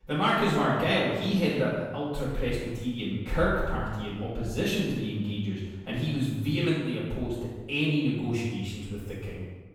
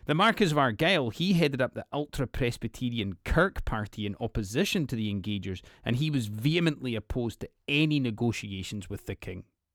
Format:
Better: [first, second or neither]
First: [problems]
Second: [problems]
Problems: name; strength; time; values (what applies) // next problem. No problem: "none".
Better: second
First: room echo; strong; dies away in 1 s // off-mic speech; far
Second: none